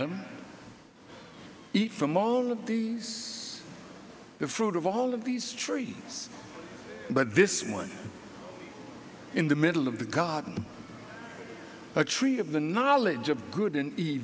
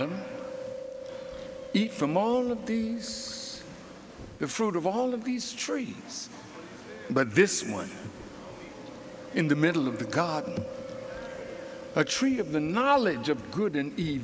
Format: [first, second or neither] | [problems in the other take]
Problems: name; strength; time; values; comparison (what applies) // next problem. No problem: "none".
first | background sound (Chewing, mastication); 14 dB below the speech